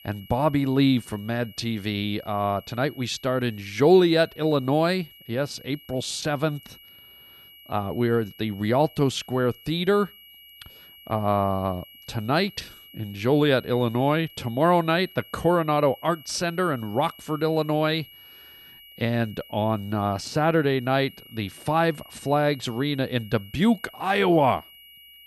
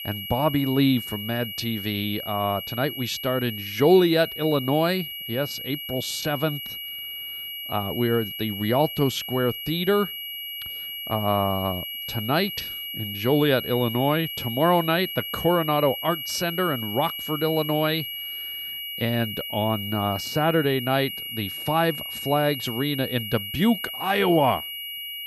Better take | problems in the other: first | high-pitched whine; loud; throughout; 3 kHz, 7 dB below the speech; faint in the first

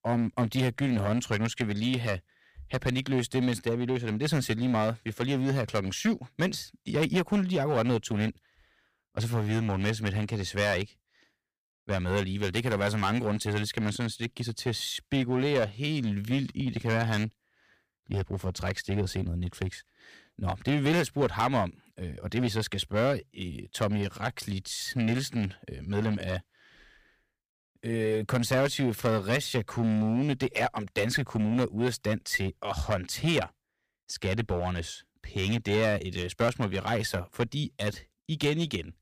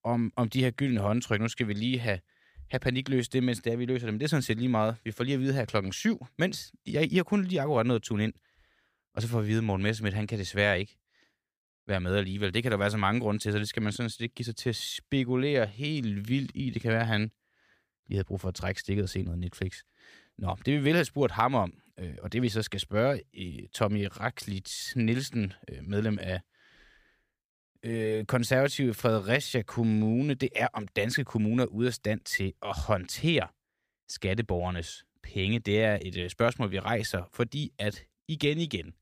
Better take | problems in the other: second | distortion; slight; 6% of the sound clipped

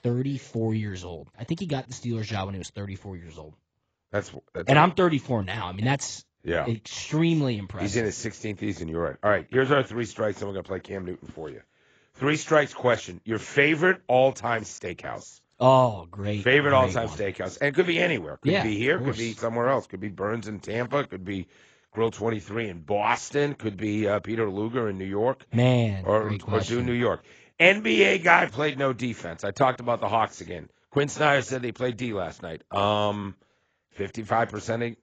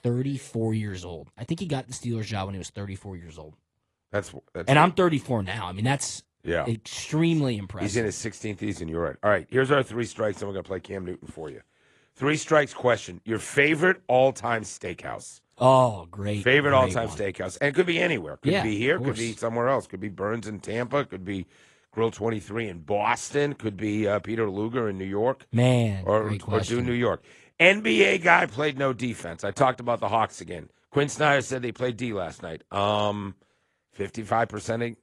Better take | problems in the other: second | garbled, watery; badly; nothing above 7.5 kHz; slightly in the second

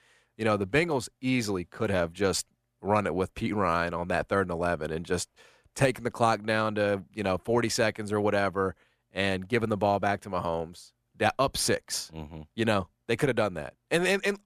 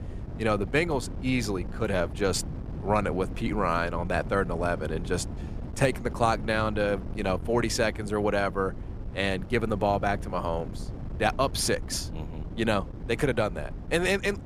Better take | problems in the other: first | wind noise on the microphone; occasional gusts; 20 dB below the speech

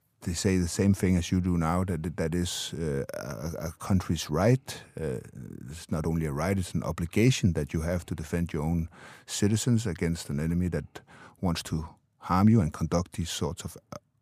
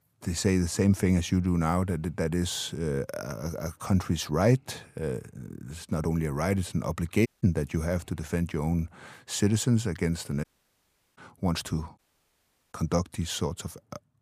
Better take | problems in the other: first | audio cutting out; at 7.5 s, at 10 s for 0.5 s and at 12 s for 1 s

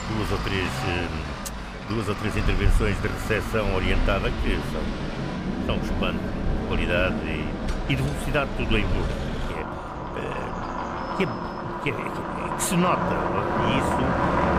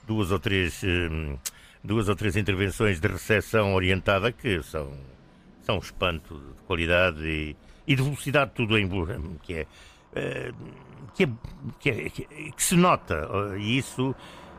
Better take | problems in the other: second | traffic noise; loud; throughout; as loud as the speech; faint in the second

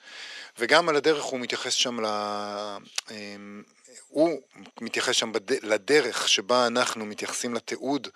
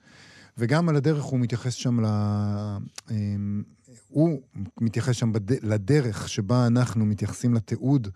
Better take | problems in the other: second | thin; very; fading below 450 Hz

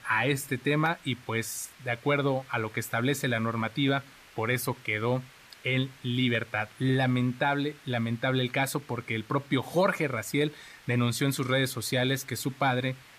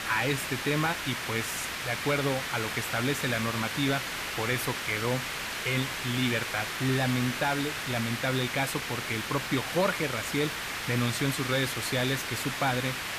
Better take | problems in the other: first | hiss; loud; throughout; 2 dB below the speech; faint in the first

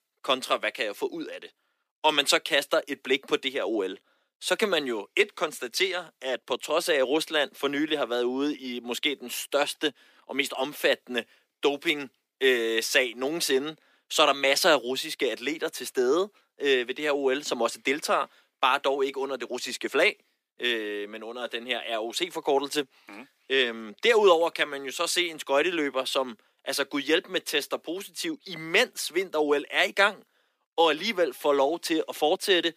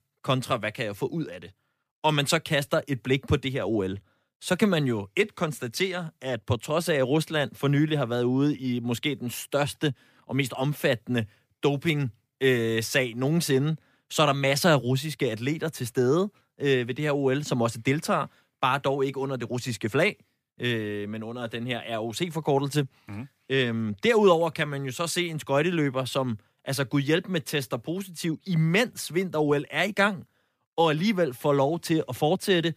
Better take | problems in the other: second | thin; somewhat; fading below 300 Hz

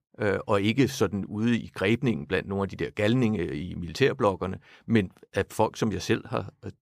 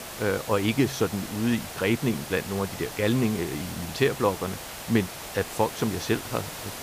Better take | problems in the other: first | hiss; loud; throughout; 9 dB below the speech

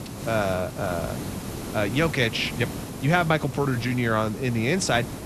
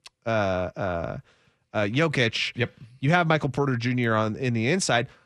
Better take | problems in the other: second | hiss; loud; throughout; 9 dB below the speech

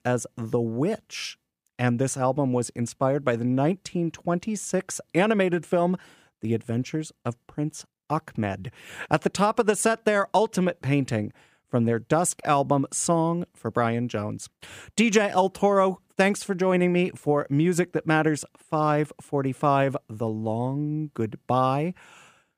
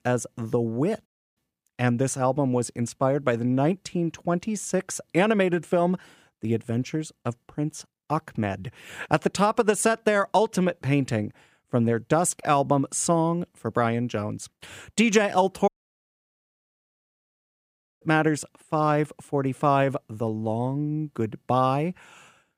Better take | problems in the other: first | audio cutting out; at 1 s and at 16 s for 2.5 s

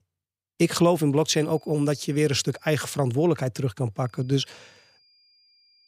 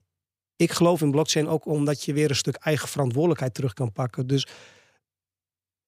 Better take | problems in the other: second | high-pitched whine; faint; from 1.5 to 3 s and from 4 s on; 5 kHz, 35 dB below the speech

